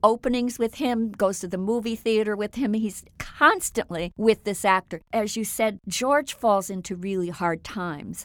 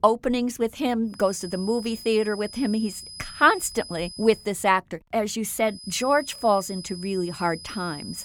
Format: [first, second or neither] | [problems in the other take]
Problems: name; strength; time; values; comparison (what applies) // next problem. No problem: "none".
first | high-pitched whine; noticeable; from 1 to 4.5 s and from 5.5 s on; 5 kHz, 15 dB below the speech